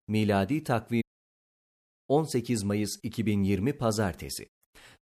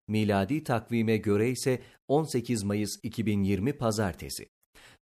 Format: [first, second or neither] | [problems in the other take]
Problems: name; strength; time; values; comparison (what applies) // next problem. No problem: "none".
second | audio cutting out; at 1 s for 1 s